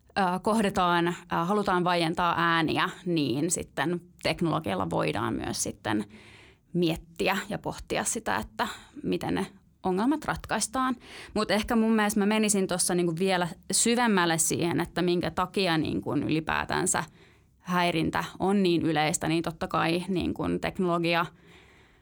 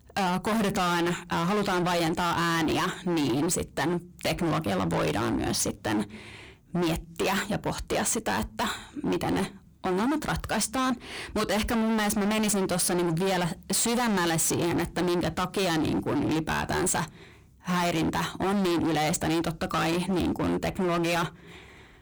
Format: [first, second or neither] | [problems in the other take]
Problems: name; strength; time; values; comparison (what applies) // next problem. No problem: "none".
first | distortion; heavy; 31% of the sound clipped